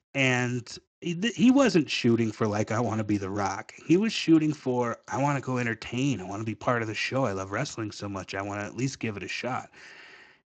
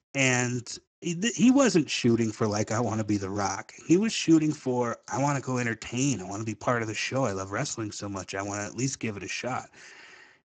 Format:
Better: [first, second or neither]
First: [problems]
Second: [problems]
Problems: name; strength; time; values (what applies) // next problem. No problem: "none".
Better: first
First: garbled, watery; slightly; nothing above 7.5 kHz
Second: garbled, watery; badly; nothing above 7.5 kHz